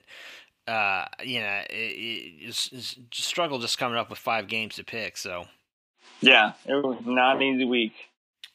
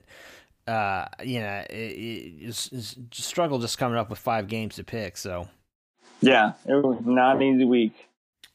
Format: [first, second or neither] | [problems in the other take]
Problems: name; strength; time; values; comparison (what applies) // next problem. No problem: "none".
second | thin; very slightly; fading below 550 Hz